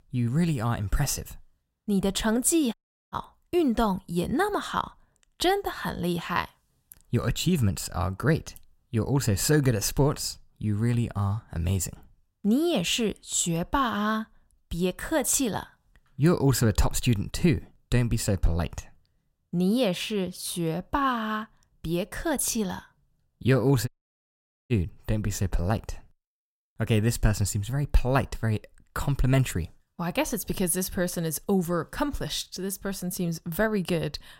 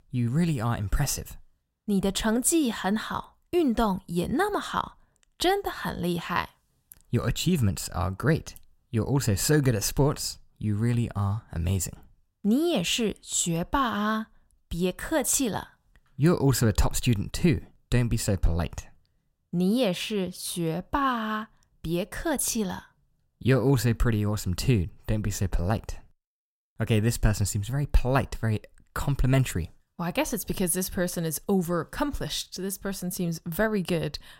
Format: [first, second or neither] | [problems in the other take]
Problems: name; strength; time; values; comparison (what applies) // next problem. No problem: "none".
second | audio cutting out; at 2.5 s and at 24 s for 1 s